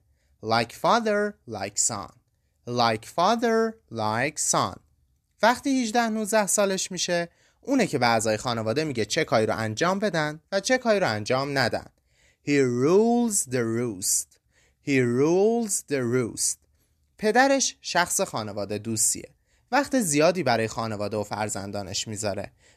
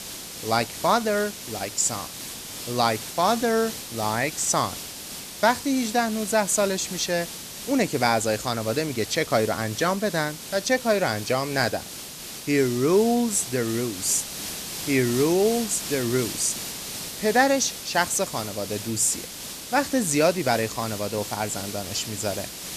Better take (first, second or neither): first